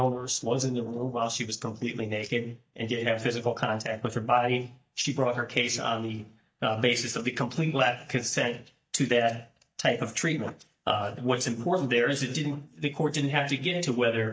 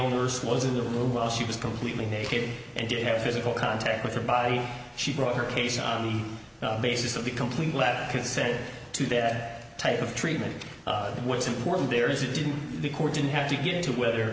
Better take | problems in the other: second | noise reduction (neural mask model DeepFilterNet 3)

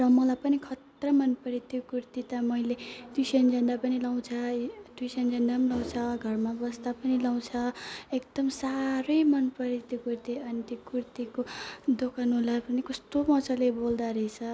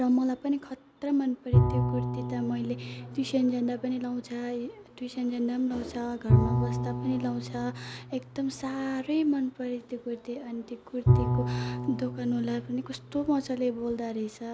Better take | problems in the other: first | background sound (Bowed string instrument); 1 dB below the speech

